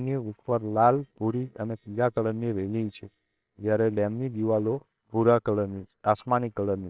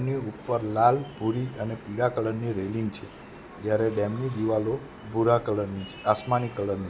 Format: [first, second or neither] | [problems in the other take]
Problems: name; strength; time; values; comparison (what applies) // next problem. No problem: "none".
second | noise reduction (neural separator model SepFormer WHAMR!)